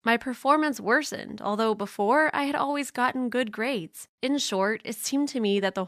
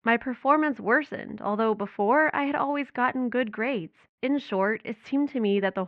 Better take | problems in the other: first | muffled; very; fading above 2.5 kHz

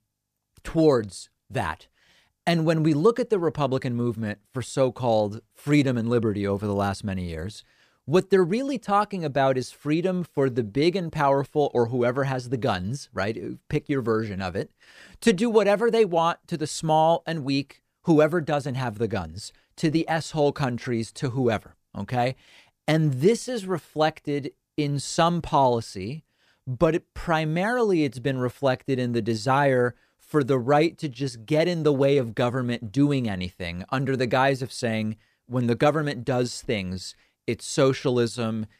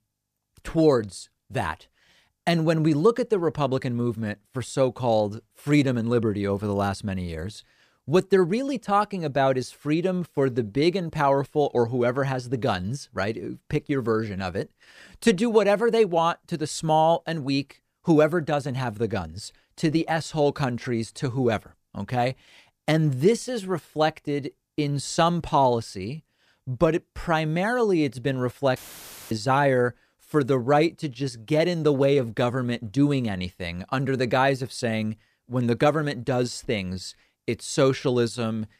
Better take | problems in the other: first | audio cutting out; filled with static; at 29 s for 0.5 s

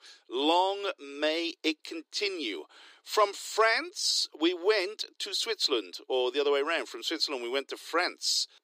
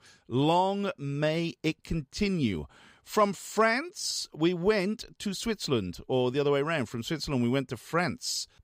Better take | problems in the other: second | thin; very; fading below 300 Hz

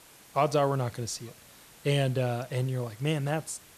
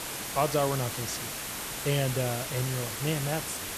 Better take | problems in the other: first | hiss; loud; throughout; 3 dB below the speech; faint in the first

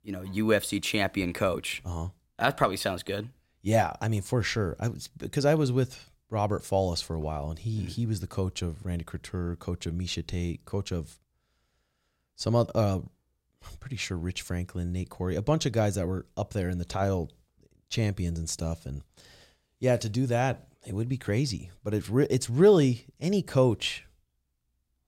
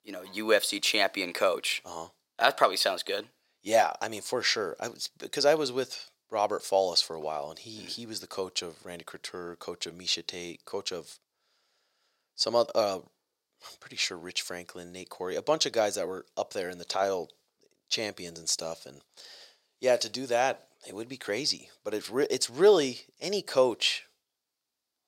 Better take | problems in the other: first | thin; very; fading below 500 Hz

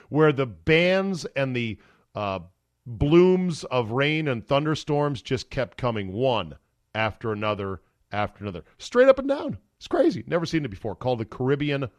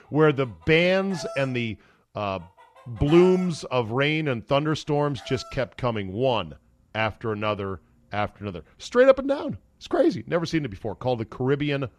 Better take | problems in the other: first | animal sounds; noticeable; throughout; 20 dB below the speech

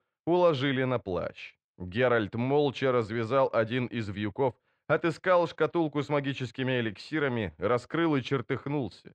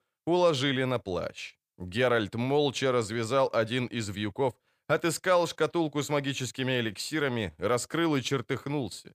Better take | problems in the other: second | muffled; slightly; fading above 2.5 kHz

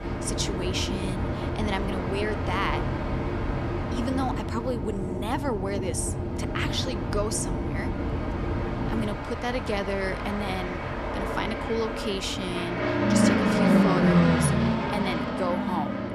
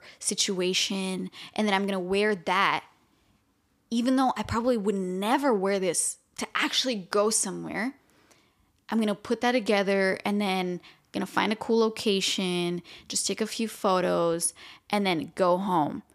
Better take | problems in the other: second | train or aircraft noise; very loud; throughout; 4 dB above the speech

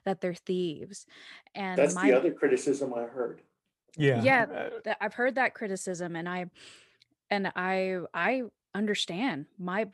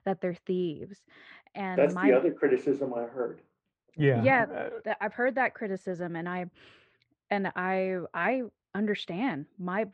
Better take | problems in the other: first | muffled; slightly; fading above 2.5 kHz

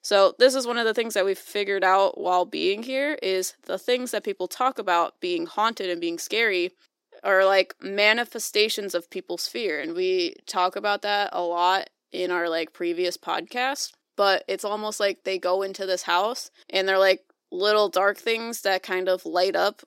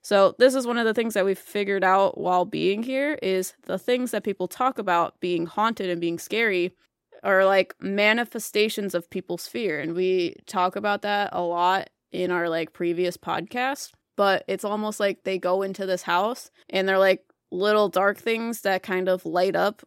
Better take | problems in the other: second | thin; very slightly; fading below 300 Hz

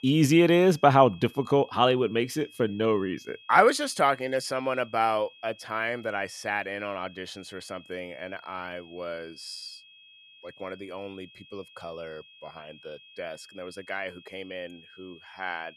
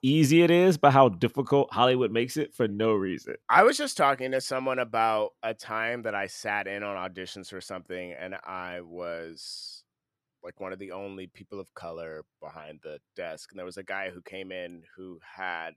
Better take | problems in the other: second | high-pitched whine; faint; throughout; 3.5 kHz, 25 dB below the speech

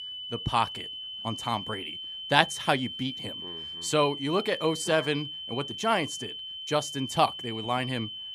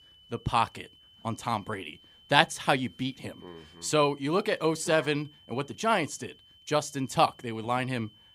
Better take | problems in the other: second | high-pitched whine; loud; throughout; 3 kHz, 7 dB below the speech; faint in the second

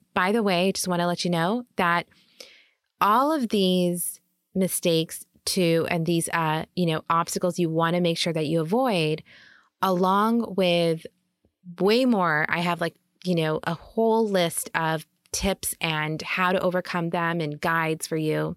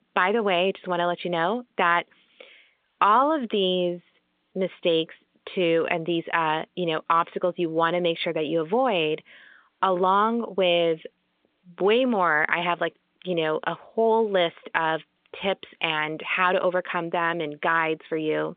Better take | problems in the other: first | phone-call audio; nothing above 3 kHz

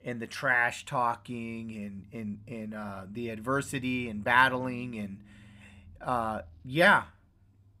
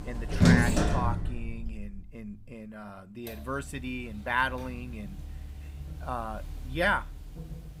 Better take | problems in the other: first | household noises; very loud; throughout; 4 dB above the speech

